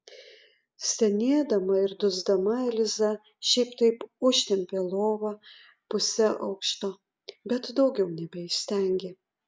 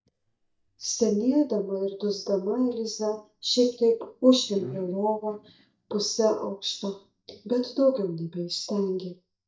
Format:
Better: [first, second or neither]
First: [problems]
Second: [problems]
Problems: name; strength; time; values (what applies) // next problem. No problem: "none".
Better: first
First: none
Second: noise reduction (neural mask model DeepFilterNet 3)